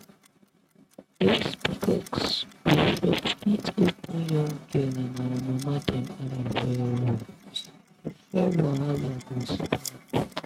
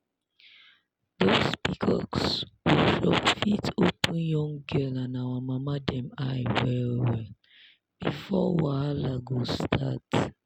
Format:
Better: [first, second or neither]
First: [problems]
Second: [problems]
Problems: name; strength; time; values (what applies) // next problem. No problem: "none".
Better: second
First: noise reduction (neural mask model RNNoise)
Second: none